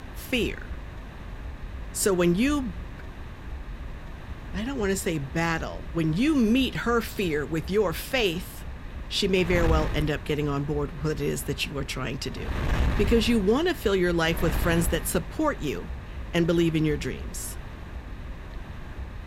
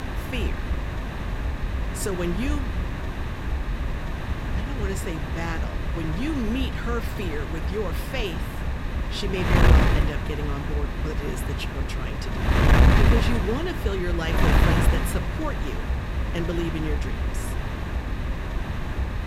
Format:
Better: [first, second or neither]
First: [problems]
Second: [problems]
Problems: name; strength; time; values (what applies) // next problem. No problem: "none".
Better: first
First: wind noise on the microphone; occasional gusts; 15 dB below the speech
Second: wind noise on the microphone; heavy; 2 dB above the speech